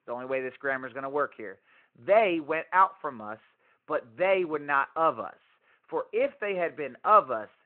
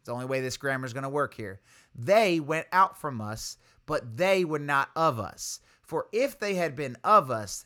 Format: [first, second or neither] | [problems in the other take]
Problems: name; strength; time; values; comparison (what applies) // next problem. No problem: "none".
second | phone-call audio